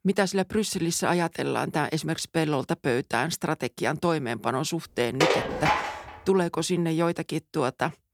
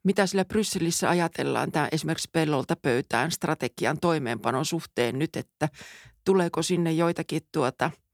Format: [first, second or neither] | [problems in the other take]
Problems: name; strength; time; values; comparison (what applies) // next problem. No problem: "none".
second | clattering dishes; loud; at 5 s; peak 3 dB above the speech